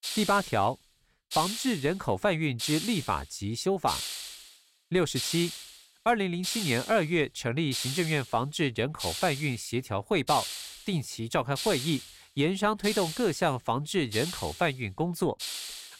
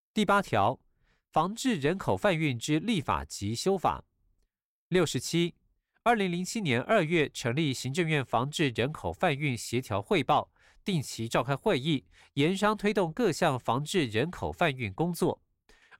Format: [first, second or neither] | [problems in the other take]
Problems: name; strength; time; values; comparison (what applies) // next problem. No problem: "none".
second | hiss; loud; throughout; 6 dB below the speech